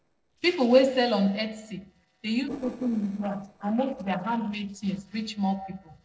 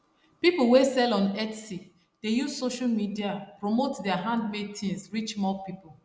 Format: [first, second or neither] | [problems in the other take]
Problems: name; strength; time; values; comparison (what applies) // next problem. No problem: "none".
second | noise reduction (neural separator model SepFormer DNS4)